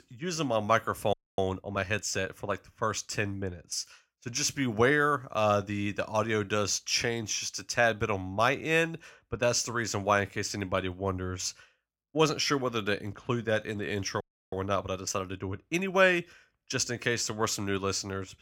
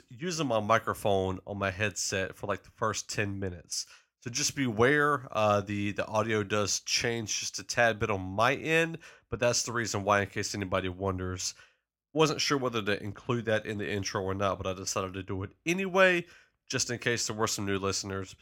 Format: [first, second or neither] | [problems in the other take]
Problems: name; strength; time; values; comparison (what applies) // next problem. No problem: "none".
second | audio freezing; at 1 s and at 14 s